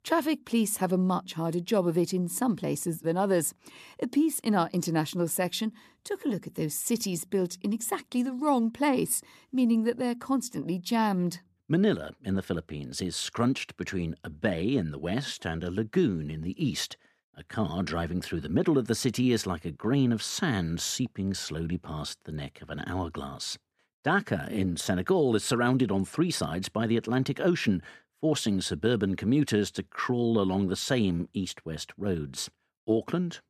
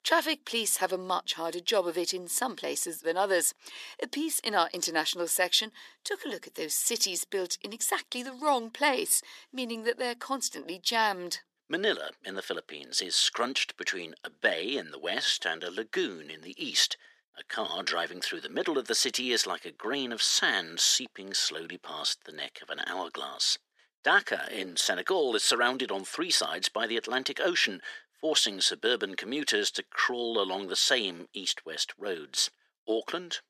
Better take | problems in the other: first | thin; very; fading below 400 Hz

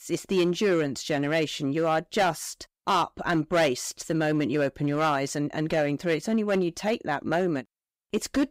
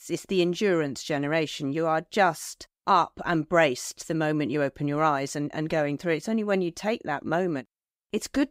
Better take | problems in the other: second | distortion; slight; 5% of the sound clipped

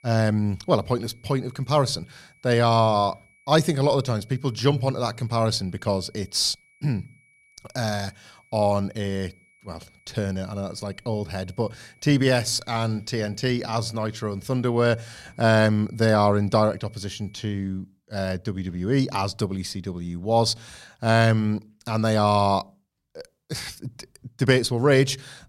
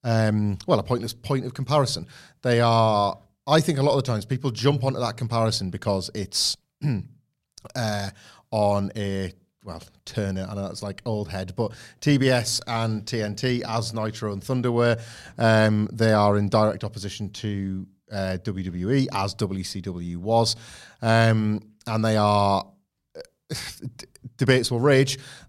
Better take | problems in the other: second | high-pitched whine; faint; until 18 s; 2.5 kHz, 35 dB below the speech

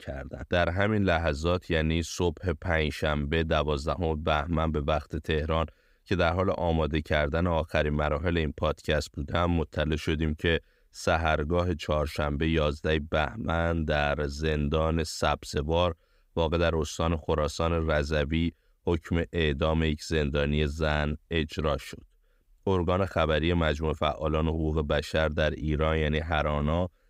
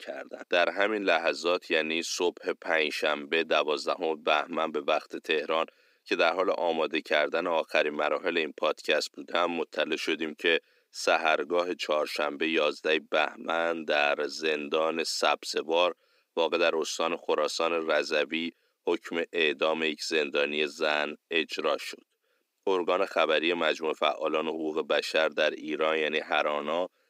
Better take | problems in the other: first | thin; somewhat; fading below 300 Hz

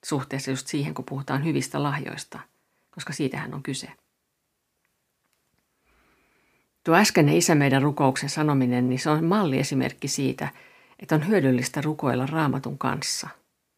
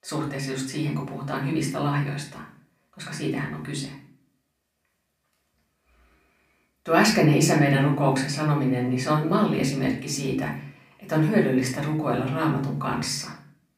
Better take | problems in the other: first | off-mic speech; far // room echo; slight; dies away in 0.4 s

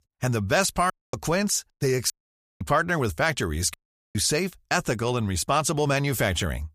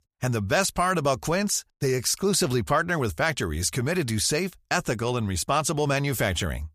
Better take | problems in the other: second | audio cutting out; at 1 s, at 2 s for 0.5 s and at 3.5 s

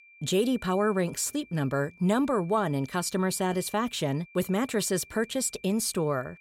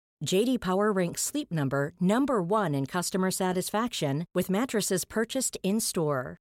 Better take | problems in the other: second | high-pitched whine; faint; throughout; 2.5 kHz, 25 dB below the speech

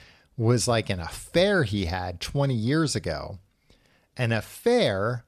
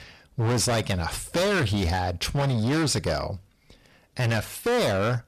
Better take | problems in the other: first | distortion; heavy; 23% of the sound clipped

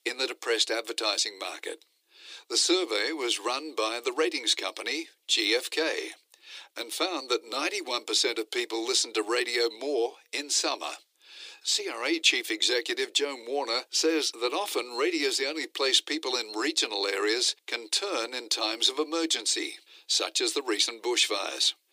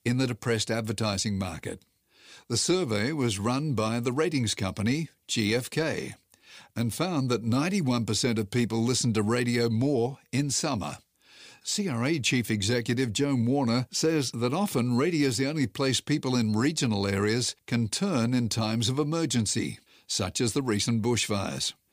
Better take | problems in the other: second | thin; very; fading below 300 Hz

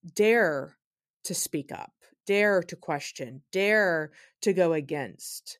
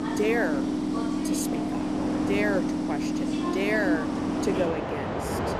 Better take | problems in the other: first | train or aircraft noise; very loud; throughout; 3 dB above the speech

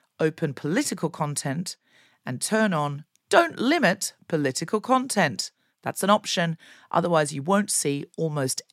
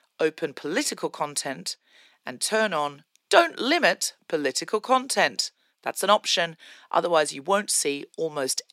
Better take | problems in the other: first | thin; somewhat; fading below 400 Hz

